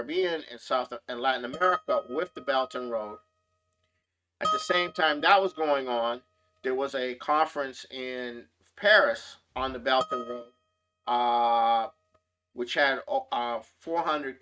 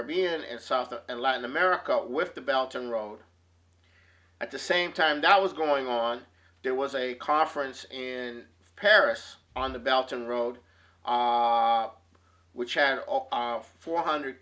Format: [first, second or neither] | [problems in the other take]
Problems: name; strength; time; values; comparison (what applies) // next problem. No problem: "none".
second | noise reduction (neural mask model RNNoise)